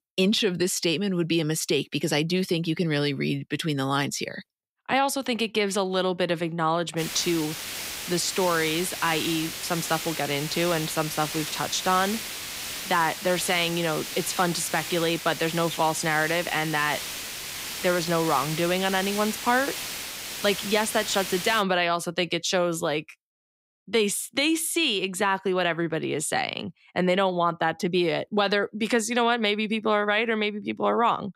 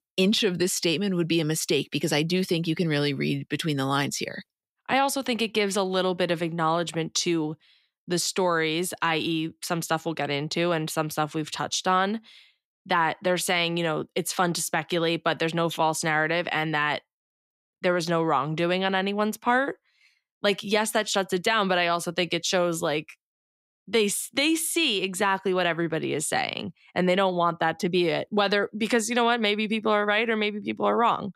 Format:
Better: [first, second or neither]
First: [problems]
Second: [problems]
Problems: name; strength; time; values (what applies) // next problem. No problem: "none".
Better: second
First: hiss; loud; from 7 to 22 s; 7 dB below the speech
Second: none